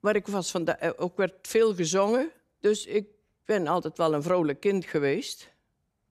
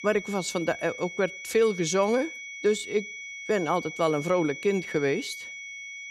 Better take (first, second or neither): first